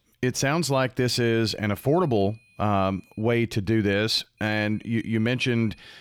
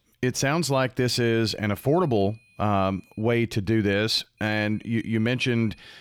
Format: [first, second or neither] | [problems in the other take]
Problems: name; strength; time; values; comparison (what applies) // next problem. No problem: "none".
neither | high-pitched whine; faint; from 1.5 to 3 s and from 4.5 s on; 2.5 kHz, 30 dB below the speech; the same in both